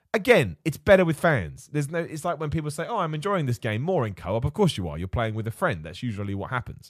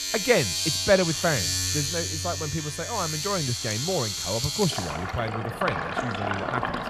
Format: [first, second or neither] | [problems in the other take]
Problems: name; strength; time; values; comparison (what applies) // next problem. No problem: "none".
first | household noises; very loud; throughout; 1 dB above the speech